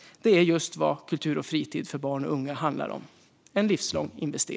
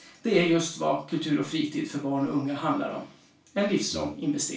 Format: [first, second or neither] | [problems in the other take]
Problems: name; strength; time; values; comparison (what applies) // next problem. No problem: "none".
first | room echo; dies away in 0.3 s